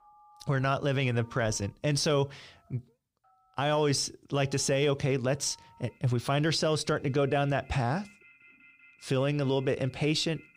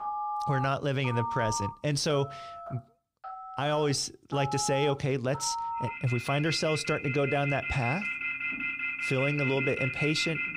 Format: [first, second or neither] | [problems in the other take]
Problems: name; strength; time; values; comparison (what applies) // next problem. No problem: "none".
first | alarms or sirens; loud; throughout; 4 dB below the speech; faint in the first